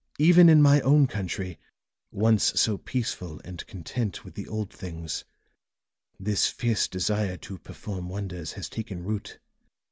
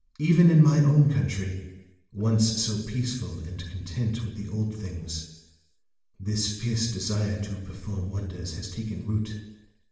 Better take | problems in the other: first | room echo; dies away in 0.9 s

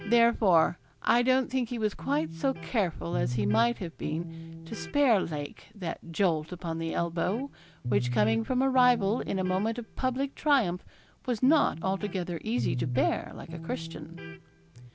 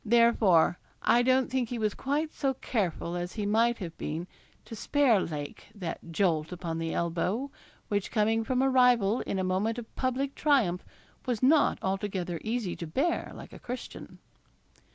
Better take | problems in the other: second | background sound (Electric guitar); 10 dB below the speech

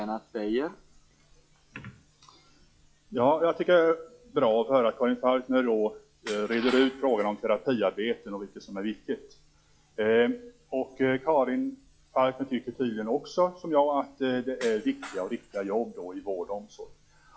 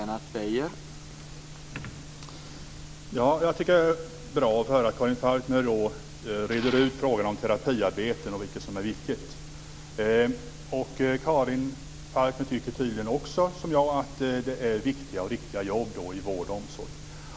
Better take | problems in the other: second | noise reduction (classical method log-MMSE)

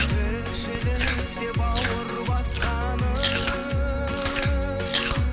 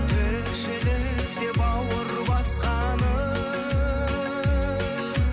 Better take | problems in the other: second | background sound (Chewing, mastication); 7 dB below the speech

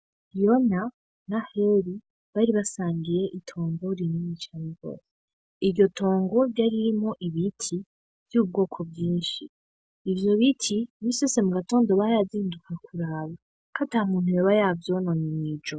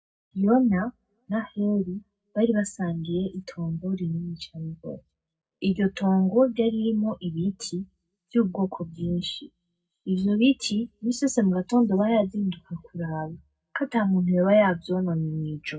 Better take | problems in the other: first | room echo; dies away in 0.3 s

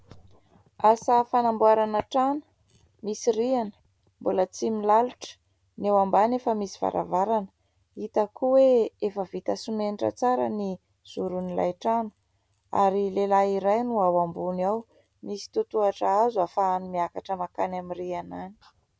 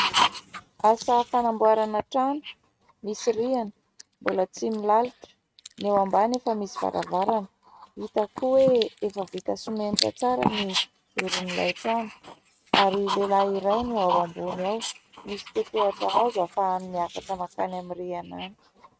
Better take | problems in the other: first | noise reduction (neural mask model RNNoise)

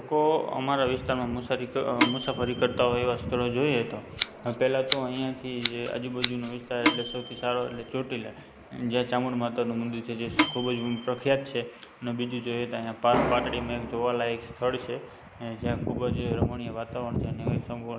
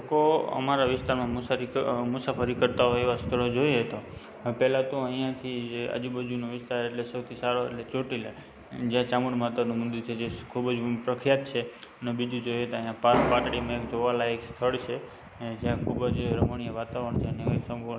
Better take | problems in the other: second | background sound (Scissors + Microwave oven / Bell); 4 dB below the speech

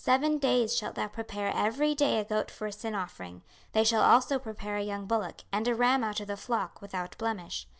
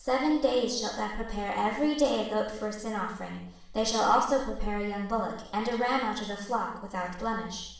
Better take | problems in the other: first | room echo; dies away in 0.6 s

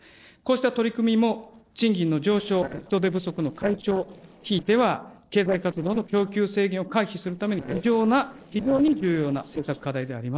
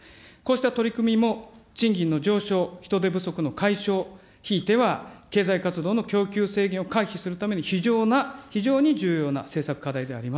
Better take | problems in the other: second | noise reduction (neural separator model SepFormer DNS4)

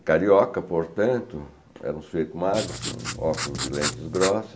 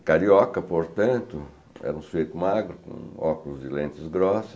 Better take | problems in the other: second | background sound (Writing); 7 dB below the speech

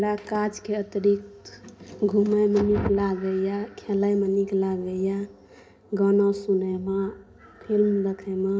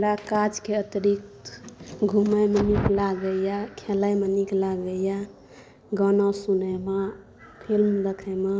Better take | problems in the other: second | room echo; dies away in 0.3 s

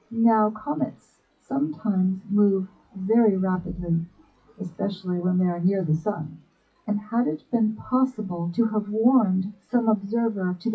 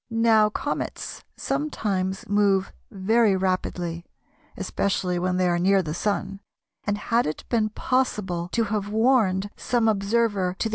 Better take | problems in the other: second | noise reduction (classical method WPE with log-MMSE)

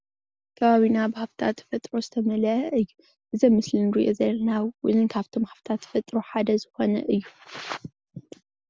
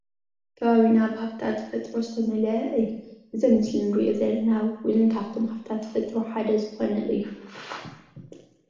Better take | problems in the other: first | room echo; dies away in 0.8 s

